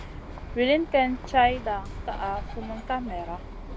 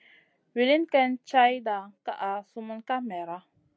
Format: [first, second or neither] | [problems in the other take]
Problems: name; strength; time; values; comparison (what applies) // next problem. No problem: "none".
second | background sound (Bird); 10 dB below the speech